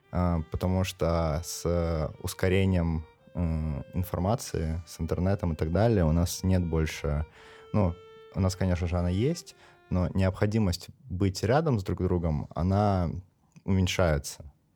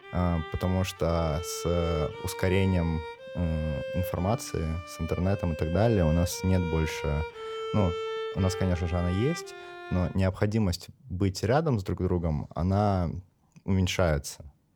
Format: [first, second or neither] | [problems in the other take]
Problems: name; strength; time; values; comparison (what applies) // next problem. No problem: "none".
first | background music; loud; throughout; 9 dB below the speech; faint in the first